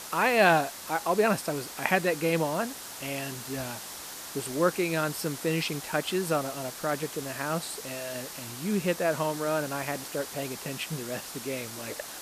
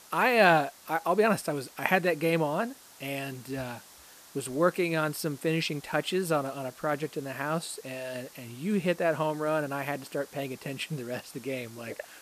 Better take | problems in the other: second | hiss; loud; throughout; 9 dB below the speech; faint in the second

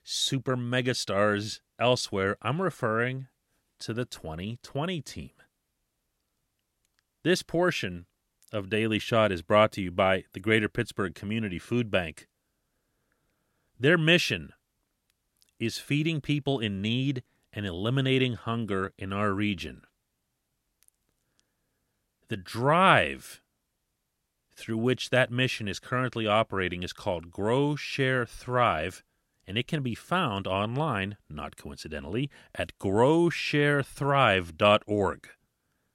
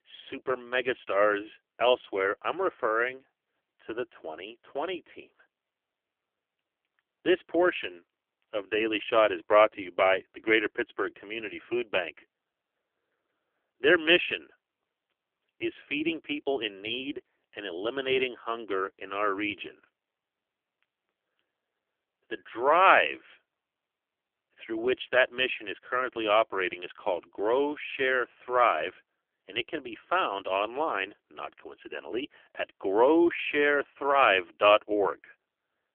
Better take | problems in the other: first | phone-call audio; poor line; nothing above 3.5 kHz

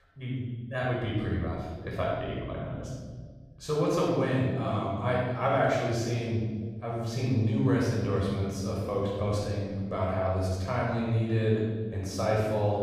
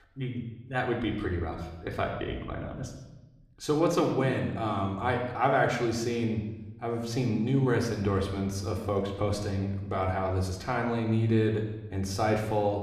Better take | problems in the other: second | room echo; strong; dies away in 1.8 s; slight in the second // off-mic speech; far; somewhat distant in the second

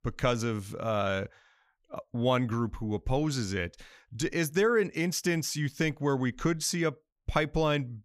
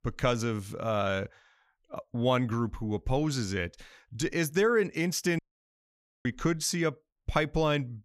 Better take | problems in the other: first | audio cutting out; at 5.5 s for 1 s

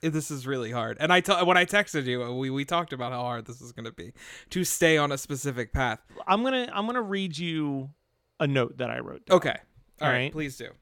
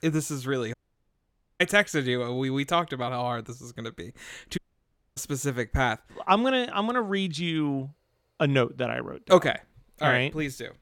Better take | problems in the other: first | audio cutting out; at 0.5 s for 1 s and at 4.5 s for 0.5 s

